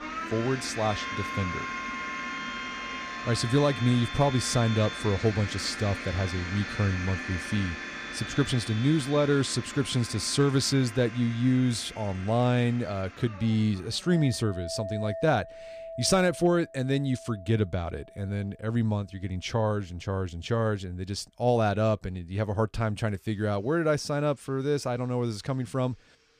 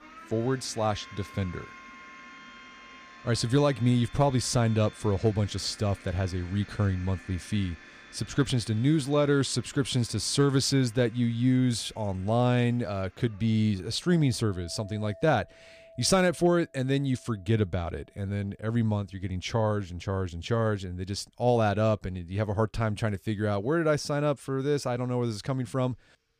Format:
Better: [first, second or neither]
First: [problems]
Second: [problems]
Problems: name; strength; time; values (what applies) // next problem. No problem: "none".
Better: second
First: household noises; loud; throughout; 9 dB below the speech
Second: household noises; faint; throughout; 20 dB below the speech